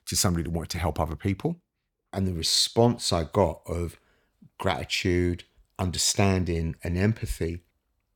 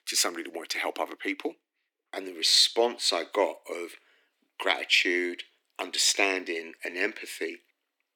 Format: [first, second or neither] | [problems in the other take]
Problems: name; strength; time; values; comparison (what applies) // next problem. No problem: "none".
first | thin; very; fading below 300 Hz